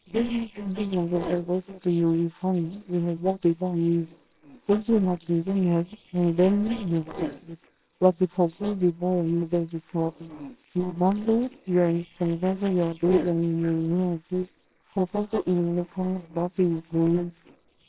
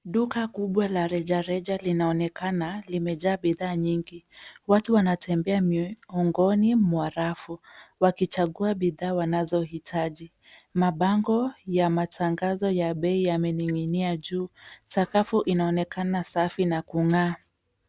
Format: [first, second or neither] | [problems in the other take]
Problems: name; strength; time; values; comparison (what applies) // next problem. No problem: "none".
second | noise reduction (neural separator model SepFormer WHAMR!)